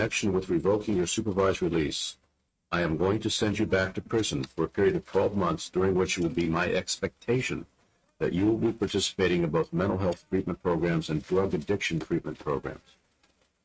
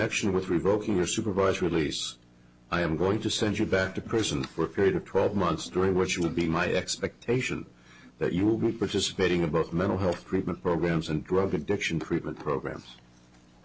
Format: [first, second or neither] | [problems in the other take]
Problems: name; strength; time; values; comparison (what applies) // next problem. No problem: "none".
second | noise reduction (neural mask model RNNoise)